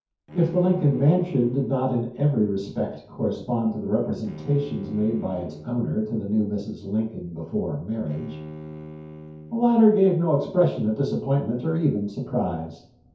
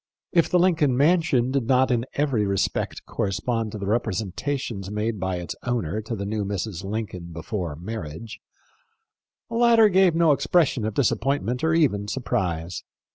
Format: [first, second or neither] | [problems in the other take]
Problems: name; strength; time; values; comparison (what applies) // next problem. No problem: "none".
second | background sound (Bowed string instrument); 18 dB below the speech // room echo; dies away in 0.6 s